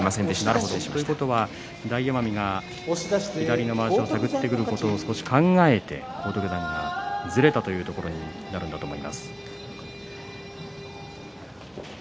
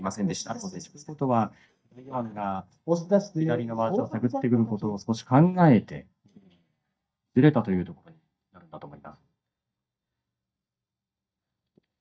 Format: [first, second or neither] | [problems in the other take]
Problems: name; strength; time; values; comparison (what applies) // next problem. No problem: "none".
first | noise reduction (neural mask model DeepFilterNet 3)